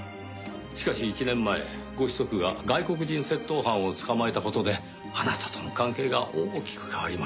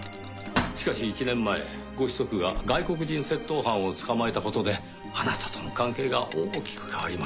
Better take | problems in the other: first | background sound (Bell); 11 dB below the speech

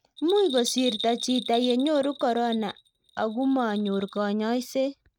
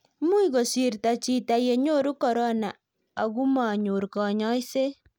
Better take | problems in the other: second | noise reduction (neural mask model RNNoise)

